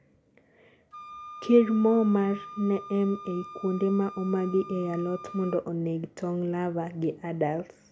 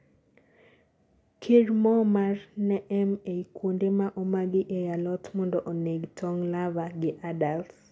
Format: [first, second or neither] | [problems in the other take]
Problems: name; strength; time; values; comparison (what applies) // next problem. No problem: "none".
second | background sound (Wind instrument, woodwind instrument); 17 dB below the speech